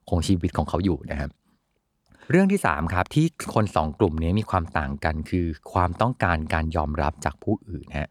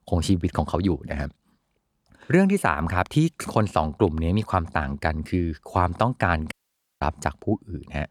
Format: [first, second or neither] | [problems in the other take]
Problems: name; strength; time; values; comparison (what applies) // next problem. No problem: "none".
first | audio cutting out; at 6.5 s